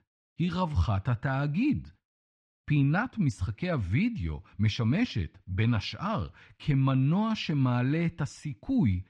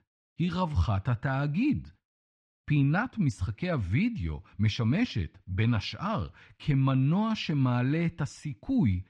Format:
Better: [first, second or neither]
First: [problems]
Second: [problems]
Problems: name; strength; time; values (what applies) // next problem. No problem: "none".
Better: neither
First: muffled; slightly; fading above 3.5 kHz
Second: muffled; slightly; fading above 3.5 kHz